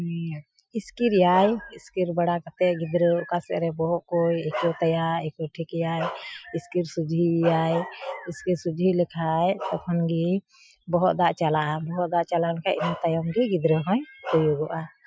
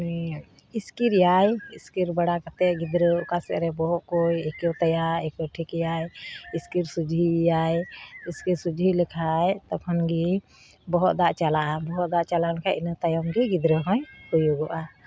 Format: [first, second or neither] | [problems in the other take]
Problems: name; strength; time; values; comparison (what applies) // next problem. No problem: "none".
second | noise reduction (classical method Wiener filter)